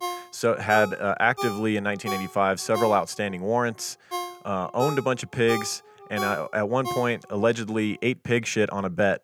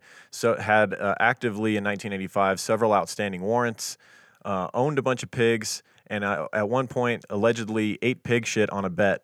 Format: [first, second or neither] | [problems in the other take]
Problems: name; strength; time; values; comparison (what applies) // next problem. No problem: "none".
second | phone ringing; noticeable; until 7.5 s; peak 7 dB below the speech